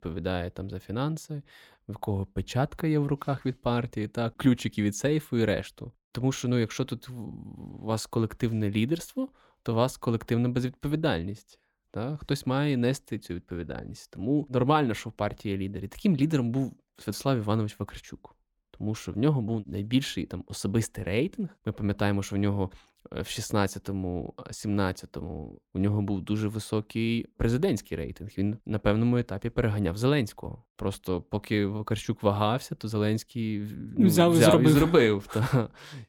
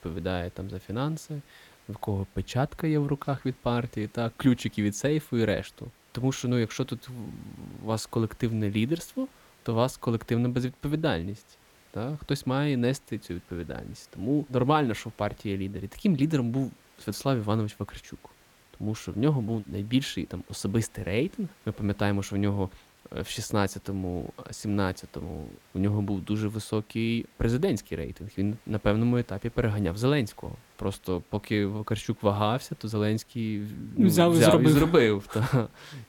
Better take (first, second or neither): first